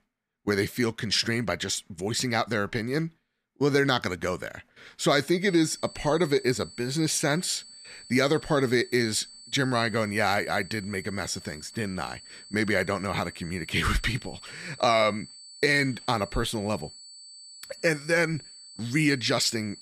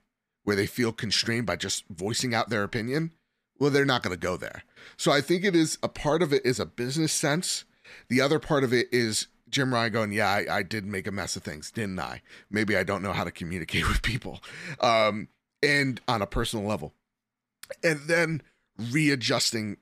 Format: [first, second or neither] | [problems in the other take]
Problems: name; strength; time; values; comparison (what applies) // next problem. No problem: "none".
second | high-pitched whine; noticeable; from 5.5 s on; 4.5 kHz, 20 dB below the speech